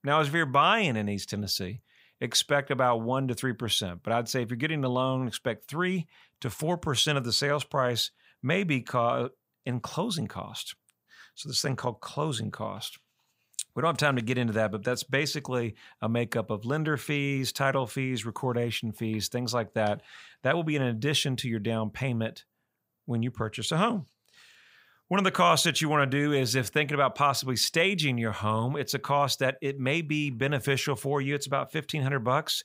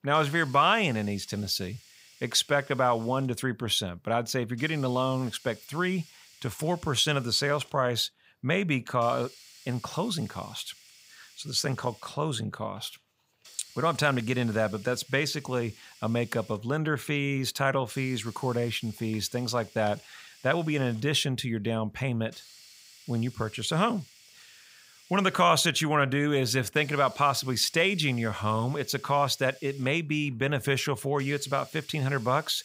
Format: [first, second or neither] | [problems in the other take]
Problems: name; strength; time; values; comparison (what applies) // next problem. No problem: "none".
first | hiss; faint; throughout; 25 dB below the speech